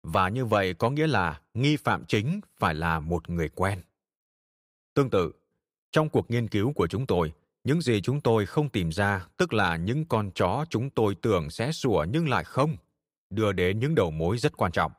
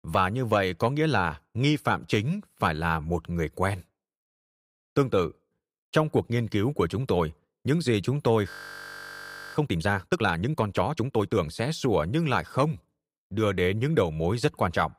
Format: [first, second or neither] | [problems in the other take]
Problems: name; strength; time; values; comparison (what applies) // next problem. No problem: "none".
first | audio freezing; at 8.5 s for 1 s